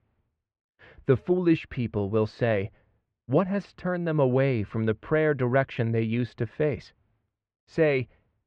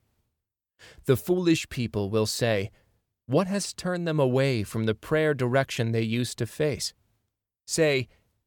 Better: second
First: muffled; very; fading above 2.5 kHz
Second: none

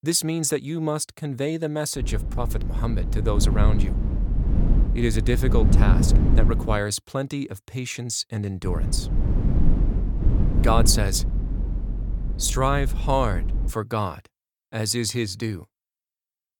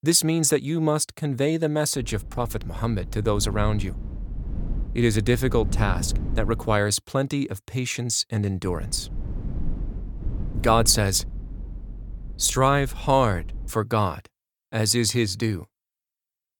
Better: second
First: low rumble; loud; from 2 to 7 s and from 8.5 to 14 s; 9 dB below the speech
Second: low rumble; faint; from 2 to 7 s and from 8.5 to 14 s; 20 dB below the speech

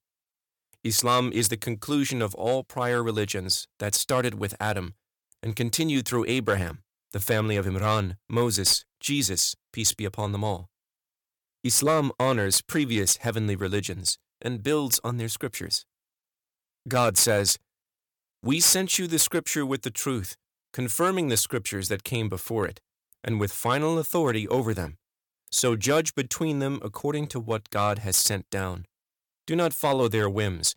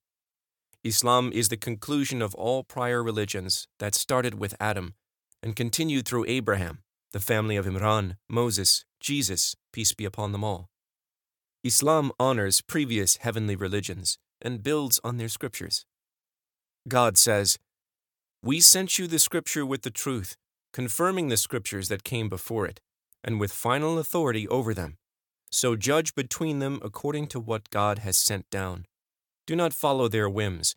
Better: second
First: distortion; slight; 1.7% of the sound clipped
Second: none

